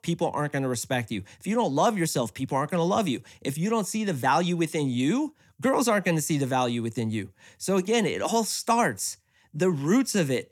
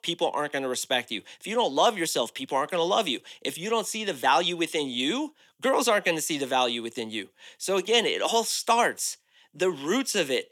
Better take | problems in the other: first | thin; somewhat; fading below 400 Hz

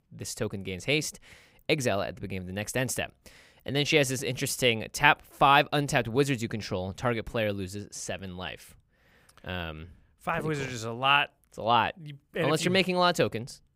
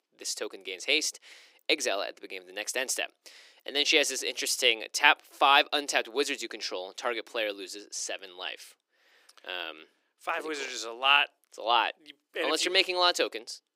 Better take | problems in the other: first | thin; somewhat; fading below 300 Hz

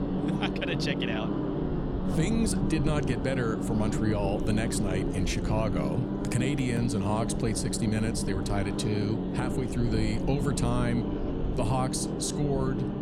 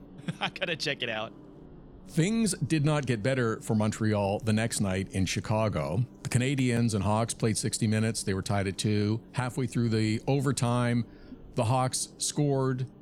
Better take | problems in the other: second | low rumble; loud; throughout; 2 dB below the speech; faint in the second

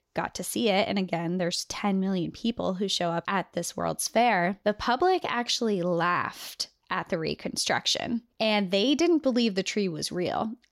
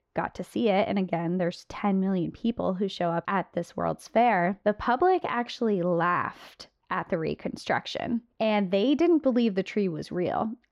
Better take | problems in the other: first | muffled; very; fading above 3.5 kHz

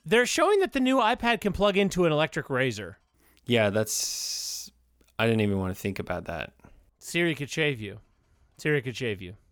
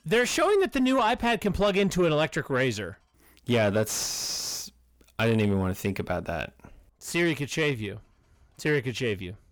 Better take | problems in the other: first | distortion; slight; 10 dB below the speech

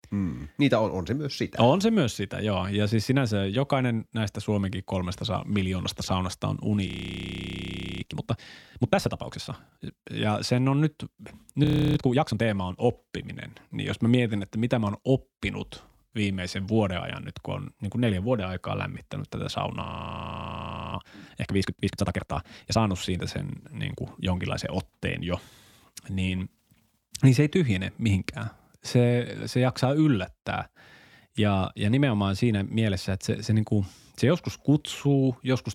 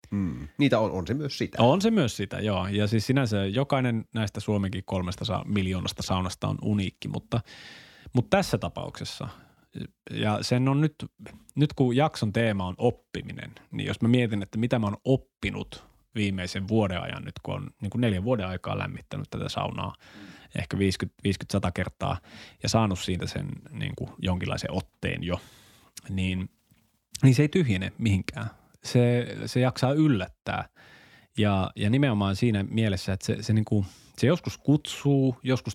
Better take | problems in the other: second | audio freezing; at 7 s for 1 s, at 12 s and at 20 s for 1 s

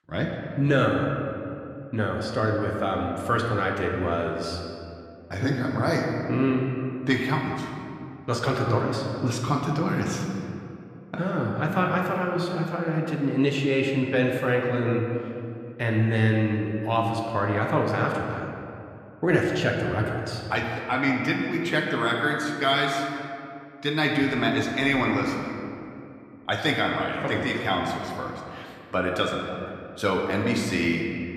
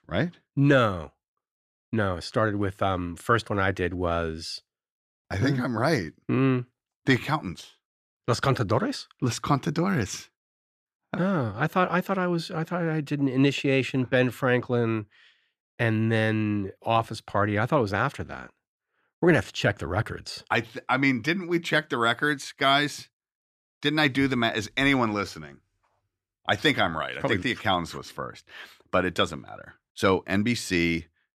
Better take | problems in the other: second | room echo; noticeable; dies away in 2.2 s // off-mic speech; somewhat distant

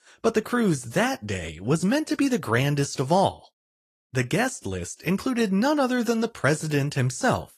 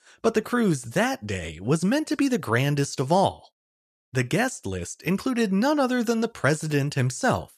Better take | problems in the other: second | garbled, watery; slightly; nothing above 14.5 kHz

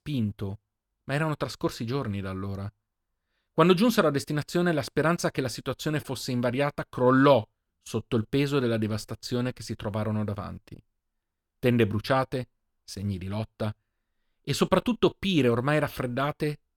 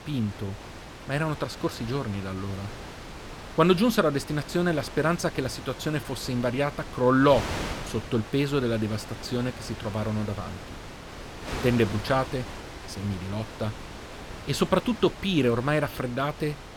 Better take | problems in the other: first | wind noise on the microphone; occasional gusts; 10 dB below the speech

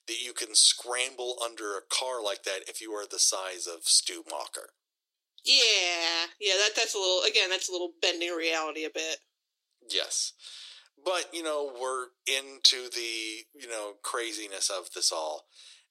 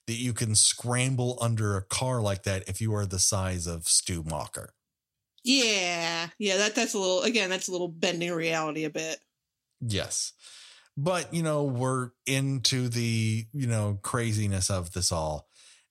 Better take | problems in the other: second | thin; very; fading below 350 Hz

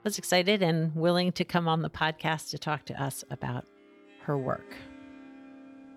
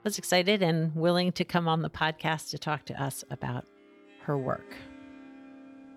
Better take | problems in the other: neither | background music; faint; throughout; 25 dB below the speech; the same in both

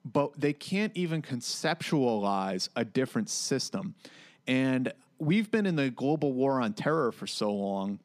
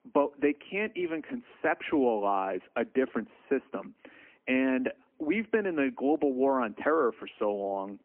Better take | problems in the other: first | phone-call audio; poor line

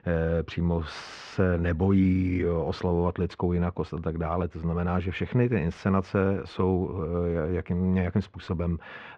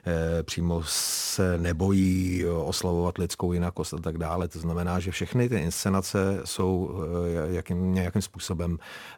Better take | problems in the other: second | muffled; very; fading above 2.5 kHz

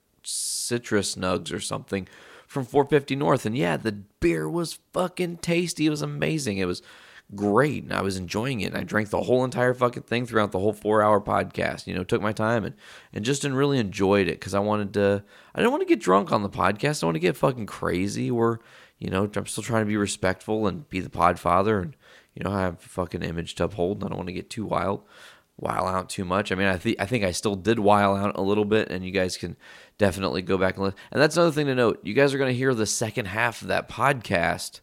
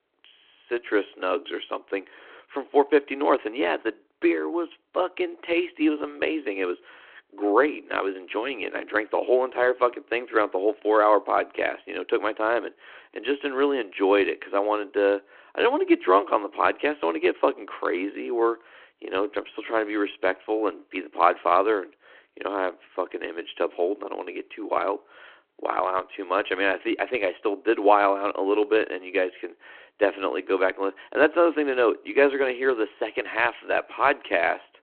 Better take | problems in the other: first | phone-call audio

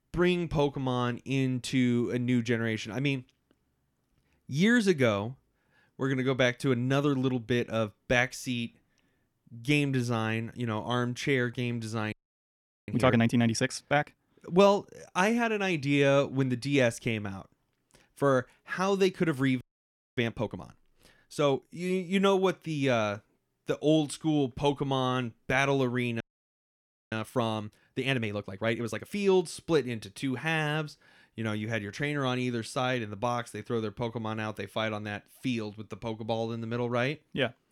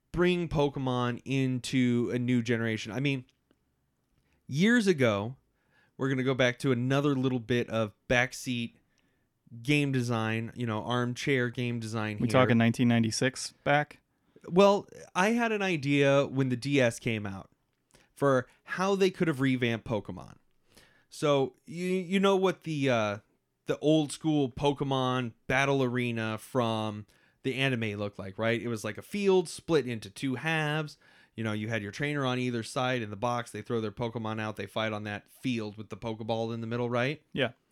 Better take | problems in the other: second | audio freezing; at 12 s for 1 s, at 20 s for 0.5 s and at 26 s for 1 s

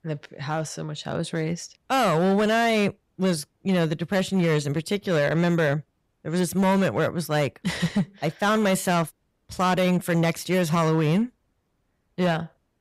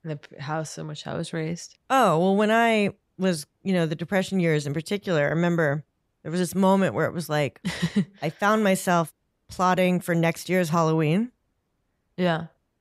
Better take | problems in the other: second | distortion; slight; 10% of the sound clipped

